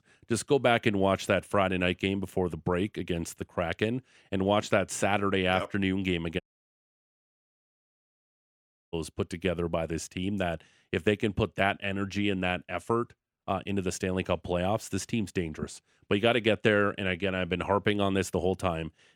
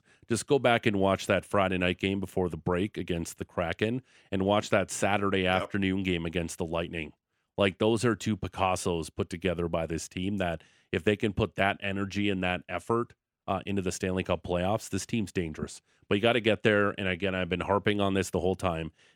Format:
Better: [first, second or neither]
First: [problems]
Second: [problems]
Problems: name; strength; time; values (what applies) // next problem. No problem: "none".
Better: second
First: audio cutting out; at 6.5 s for 2.5 s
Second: none